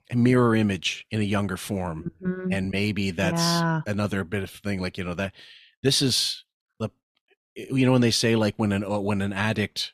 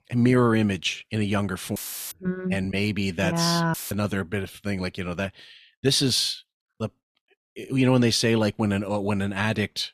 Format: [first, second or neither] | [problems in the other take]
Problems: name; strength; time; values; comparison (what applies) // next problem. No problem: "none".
first | audio cutting out; filled with static; at 2 s and at 3.5 s